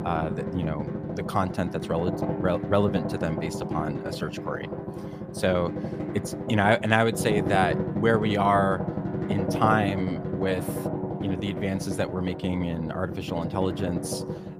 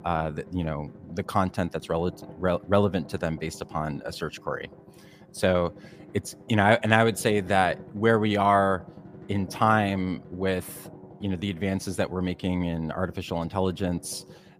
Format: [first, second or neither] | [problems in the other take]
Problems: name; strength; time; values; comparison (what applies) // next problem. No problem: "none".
second | background music; loud; throughout; 4 dB below the speech; faint in the second